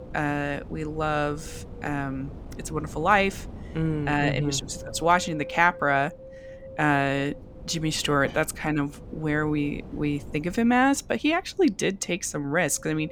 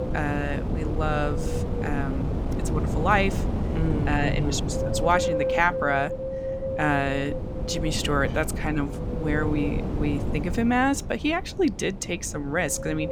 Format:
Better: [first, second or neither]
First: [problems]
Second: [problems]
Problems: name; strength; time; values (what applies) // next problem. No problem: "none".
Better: first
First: wind noise on the microphone; occasional gusts; 20 dB below the speech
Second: wind noise on the microphone; heavy; 6 dB below the speech